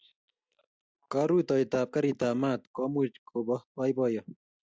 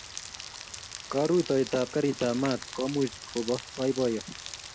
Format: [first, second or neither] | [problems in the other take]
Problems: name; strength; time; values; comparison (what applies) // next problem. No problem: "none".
first | background sound (Rain); 12 dB below the speech